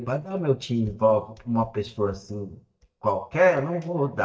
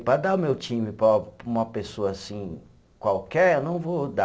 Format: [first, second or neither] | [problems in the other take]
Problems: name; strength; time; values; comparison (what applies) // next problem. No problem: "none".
second | noise reduction (neural mask model DeepFilterNet 3)